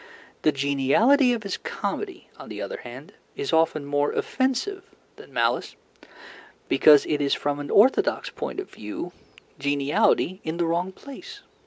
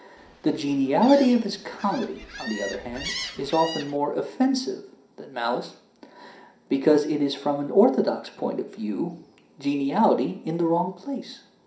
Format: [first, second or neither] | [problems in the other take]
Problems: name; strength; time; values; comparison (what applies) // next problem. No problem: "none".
first | background sound (Gull, seagull); 13 dB below the speech // room echo; dies away in 0.5 s